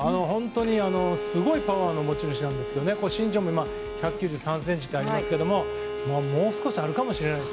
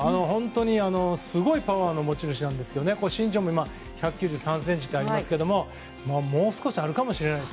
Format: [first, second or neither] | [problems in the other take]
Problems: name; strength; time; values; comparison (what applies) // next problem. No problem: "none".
second | background sound (Bowed string instrument); 6 dB below the speech